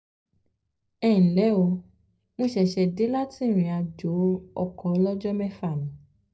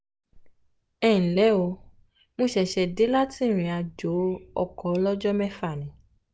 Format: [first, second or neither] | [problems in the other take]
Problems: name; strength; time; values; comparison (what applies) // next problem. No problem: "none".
second | noise reduction (neural separator model SepFormer DNS4)